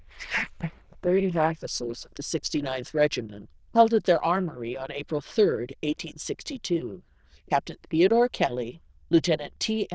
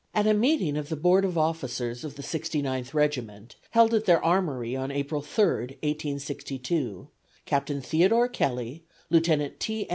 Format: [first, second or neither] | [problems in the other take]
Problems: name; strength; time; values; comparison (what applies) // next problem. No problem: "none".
second | noise reduction (neural diffusion model UNIVERSE++)